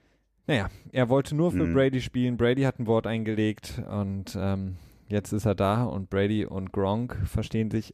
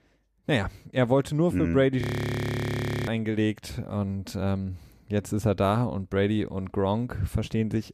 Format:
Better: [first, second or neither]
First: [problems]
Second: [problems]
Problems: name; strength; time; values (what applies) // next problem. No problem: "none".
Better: first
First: none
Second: audio freezing; at 2 s for 1 s